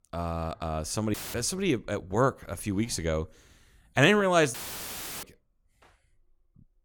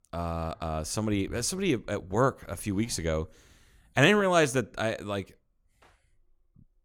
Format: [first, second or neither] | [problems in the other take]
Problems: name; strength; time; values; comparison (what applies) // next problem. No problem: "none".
second | audio cutting out; filled with static; at 1 s and at 4.5 s for 0.5 s